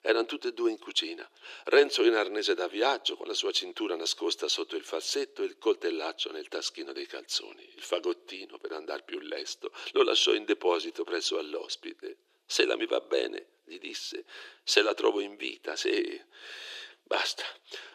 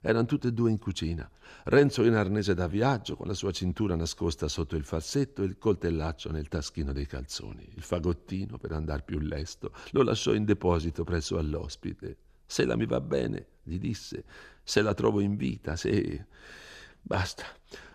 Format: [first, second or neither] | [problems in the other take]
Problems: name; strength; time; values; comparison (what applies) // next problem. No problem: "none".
second | thin; very; fading below 350 Hz